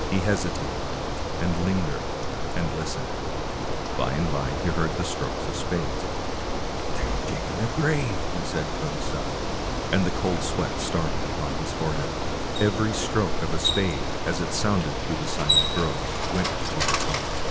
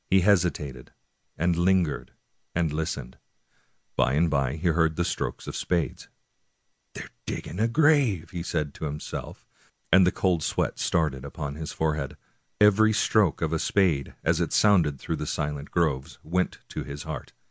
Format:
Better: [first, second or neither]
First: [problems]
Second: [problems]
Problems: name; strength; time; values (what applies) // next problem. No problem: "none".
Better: second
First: background sound (Bicycle); 3 dB above the speech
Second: none